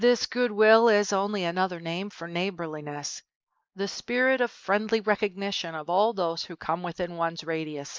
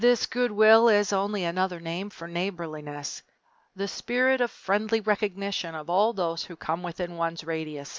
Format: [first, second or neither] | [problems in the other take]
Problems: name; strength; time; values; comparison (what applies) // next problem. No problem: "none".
second | noise reduction (neural mask model Resemble Enhance denoiser)